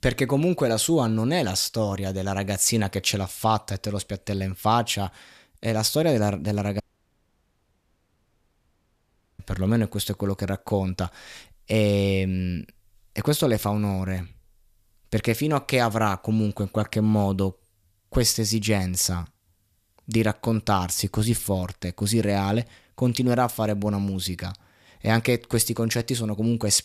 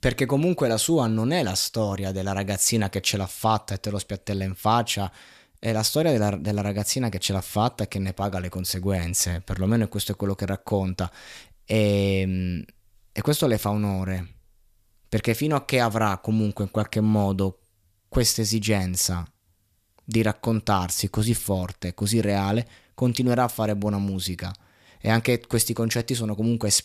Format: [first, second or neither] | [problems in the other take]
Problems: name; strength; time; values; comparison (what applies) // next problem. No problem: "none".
second | audio cutting out; at 7 s for 2.5 s